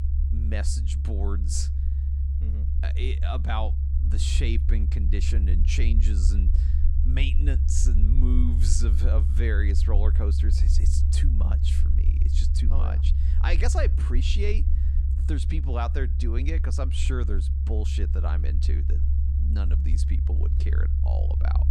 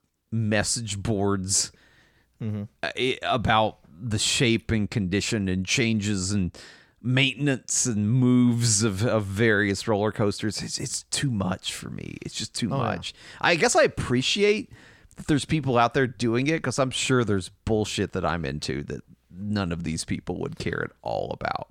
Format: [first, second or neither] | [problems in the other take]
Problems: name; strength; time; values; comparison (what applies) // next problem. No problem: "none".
second | low rumble; loud; throughout; 6 dB below the speech